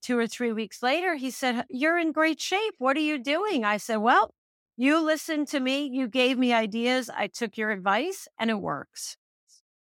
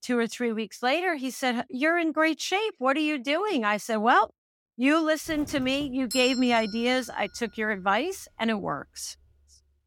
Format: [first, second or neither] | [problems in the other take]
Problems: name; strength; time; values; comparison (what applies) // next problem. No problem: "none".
first | doorbell; noticeable; from 5.5 to 7 s; peak 6 dB below the speech